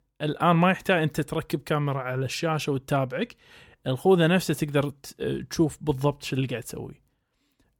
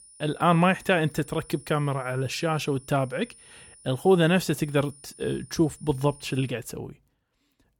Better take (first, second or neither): first